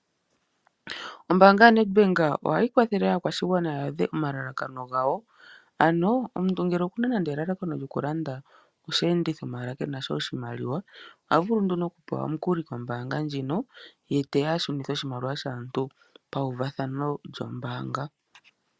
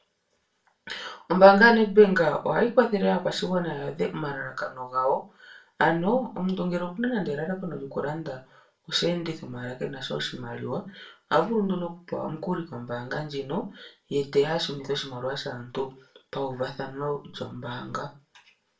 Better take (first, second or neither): first